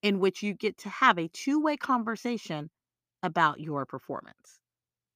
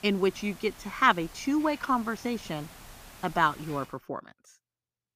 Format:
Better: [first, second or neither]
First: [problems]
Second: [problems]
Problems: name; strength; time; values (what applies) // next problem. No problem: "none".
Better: first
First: none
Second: hiss; noticeable; until 4 s; 20 dB below the speech